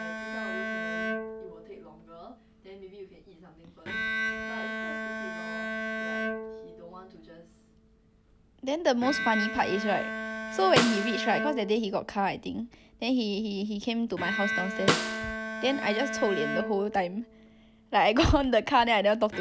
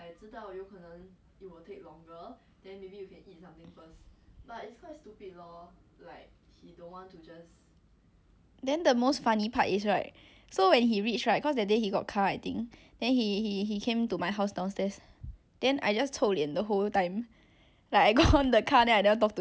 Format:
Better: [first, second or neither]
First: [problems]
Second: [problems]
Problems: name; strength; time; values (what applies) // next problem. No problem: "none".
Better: second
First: background sound (Bowed string instrument + Snare drum); 5 dB below the speech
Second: none